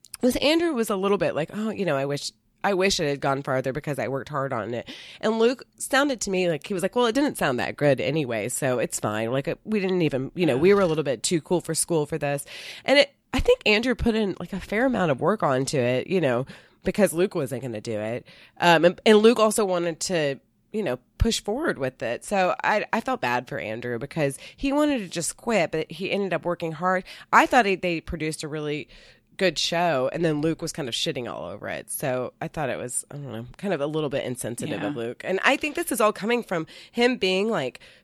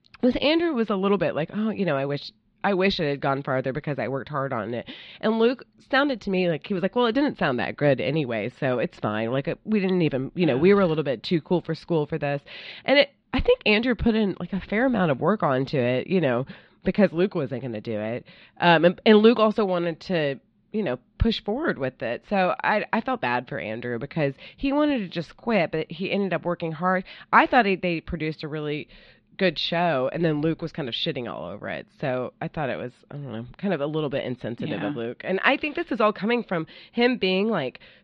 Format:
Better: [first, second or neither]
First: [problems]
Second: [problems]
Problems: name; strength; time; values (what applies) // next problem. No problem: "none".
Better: first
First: none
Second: muffled; very slightly; fading above 4 kHz